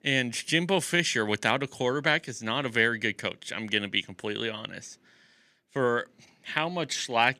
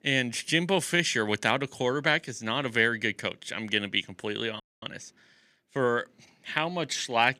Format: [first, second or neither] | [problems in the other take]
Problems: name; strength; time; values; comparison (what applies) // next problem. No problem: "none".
first | audio freezing; at 4.5 s